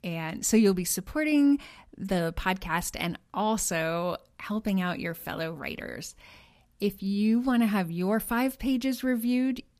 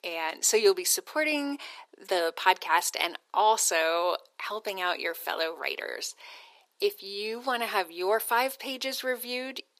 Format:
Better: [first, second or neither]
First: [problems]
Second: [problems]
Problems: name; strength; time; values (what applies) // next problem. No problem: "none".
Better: first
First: none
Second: thin; very; fading below 350 Hz